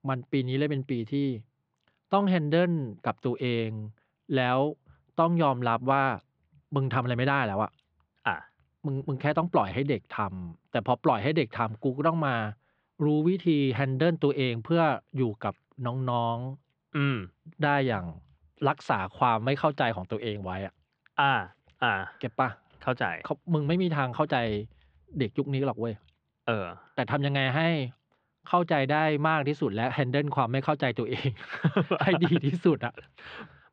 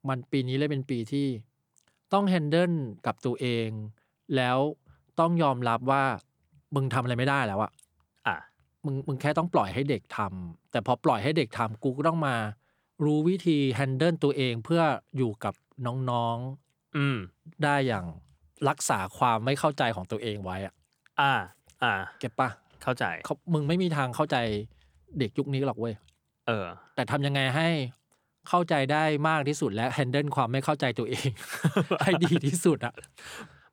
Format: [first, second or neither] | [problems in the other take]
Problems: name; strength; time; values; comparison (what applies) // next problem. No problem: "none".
second | muffled; slightly; fading above 3.5 kHz